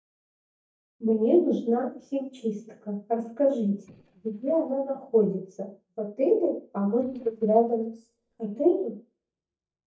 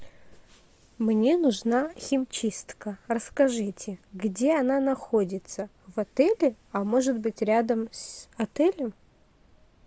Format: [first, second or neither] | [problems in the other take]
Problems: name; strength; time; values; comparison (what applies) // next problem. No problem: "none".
second | noise reduction (neural mask model DeepFilterNet 3)